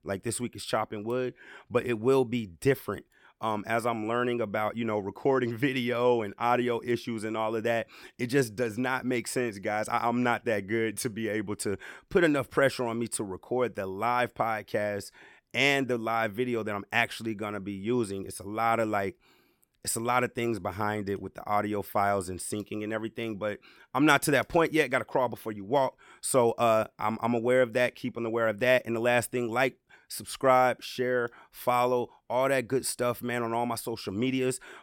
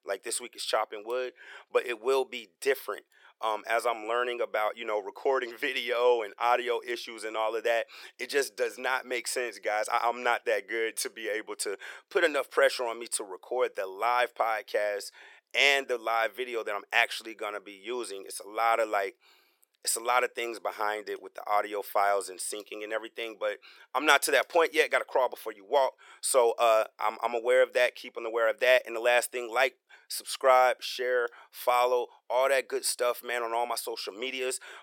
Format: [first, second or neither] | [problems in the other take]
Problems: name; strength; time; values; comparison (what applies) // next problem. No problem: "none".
first | thin; very; fading below 450 Hz